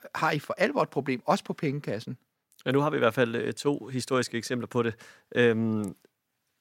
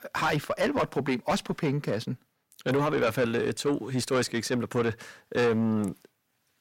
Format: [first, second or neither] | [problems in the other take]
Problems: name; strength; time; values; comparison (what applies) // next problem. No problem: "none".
first | distortion; heavy; 7 dB below the speech